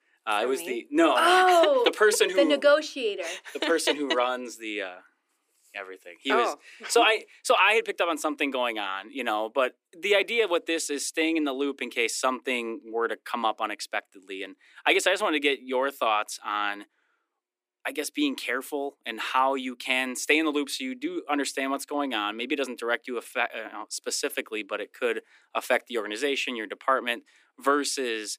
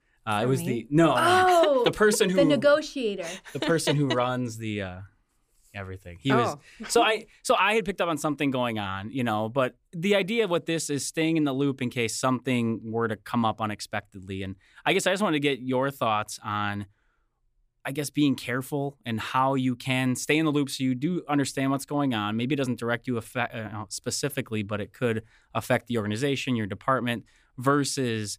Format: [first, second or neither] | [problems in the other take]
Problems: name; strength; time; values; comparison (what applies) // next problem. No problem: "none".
second | thin; somewhat; fading below 300 Hz